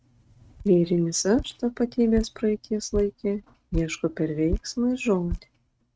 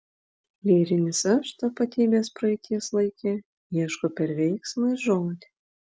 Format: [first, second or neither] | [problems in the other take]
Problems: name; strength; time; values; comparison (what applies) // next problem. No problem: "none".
second | noise reduction (neural mask model RNNoise)